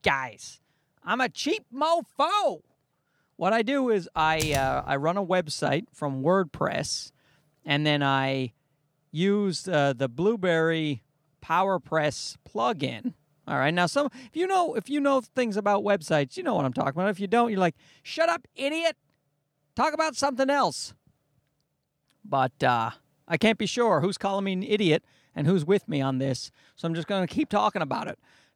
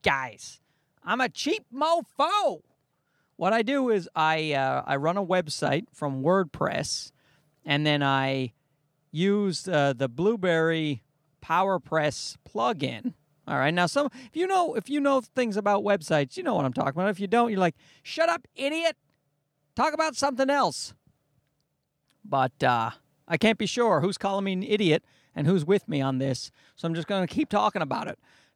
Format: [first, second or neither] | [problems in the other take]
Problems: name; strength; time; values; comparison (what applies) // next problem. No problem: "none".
second | keyboard typing; noticeable; at 4 s; peak 6 dB below the speech